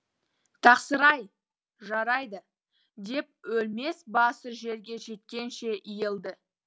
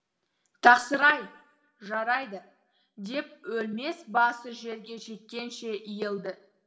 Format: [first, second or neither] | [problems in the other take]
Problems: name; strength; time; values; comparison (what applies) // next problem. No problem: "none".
first | room echo; dies away in 0.6 s